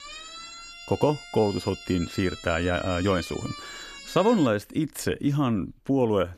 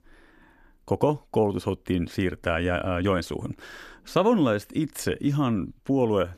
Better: second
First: siren; faint; until 4.5 s; peak 10 dB below the speech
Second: none

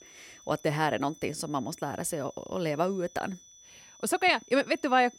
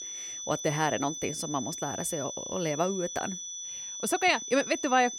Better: first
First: high-pitched whine; faint; throughout; 6 kHz, 20 dB below the speech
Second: high-pitched whine; loud; throughout; 6 kHz, 6 dB below the speech

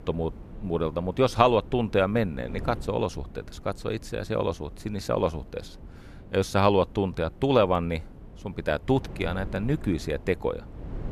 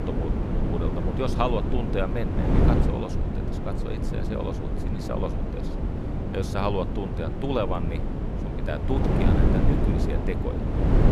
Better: first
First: wind noise on the microphone; occasional gusts; 25 dB below the speech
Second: wind noise on the microphone; heavy; 1 dB below the speech

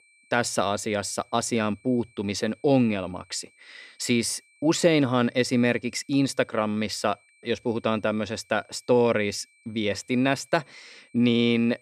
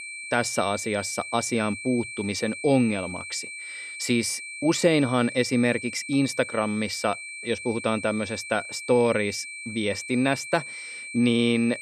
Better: first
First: high-pitched whine; faint; throughout; 2.5 kHz, 35 dB below the speech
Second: high-pitched whine; loud; throughout; 2.5 kHz, 9 dB below the speech

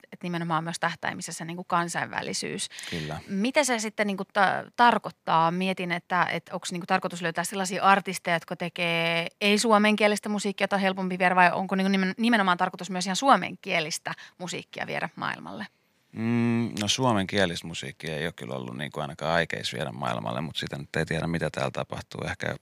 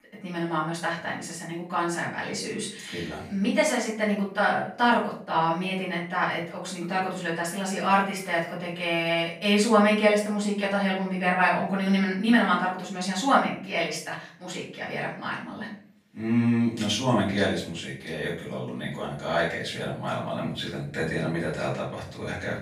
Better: first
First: none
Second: room echo; noticeable; dies away in 0.4 s // off-mic speech; far

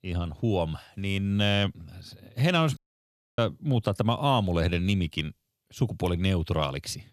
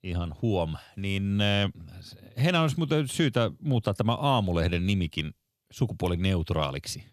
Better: second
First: audio cutting out; at 3 s for 0.5 s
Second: none

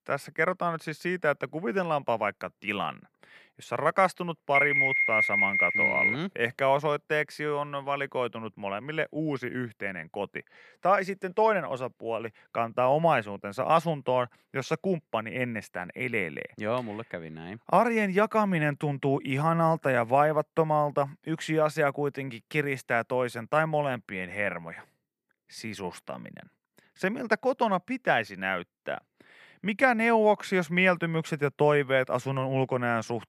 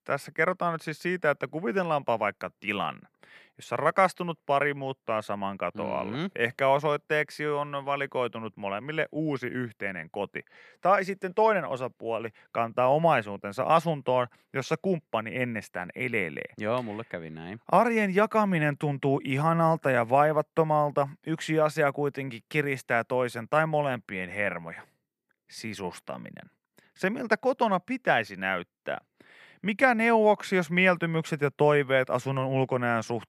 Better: second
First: alarm; loud; from 4.5 to 6 s; peak 6 dB above the speech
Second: none

